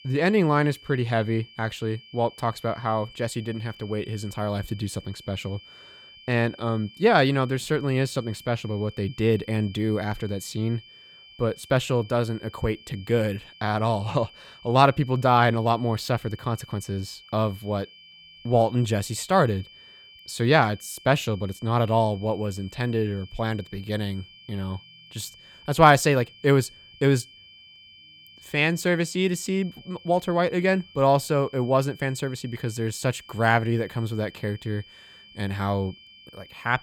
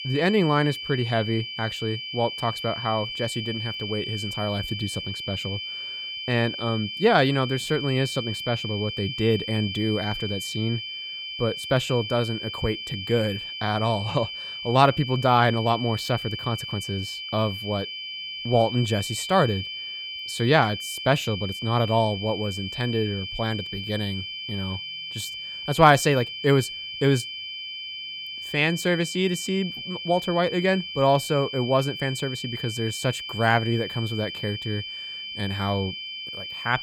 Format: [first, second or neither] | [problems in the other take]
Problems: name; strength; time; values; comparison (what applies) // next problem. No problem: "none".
first | high-pitched whine; loud; throughout; 3 kHz, 7 dB below the speech; faint in the first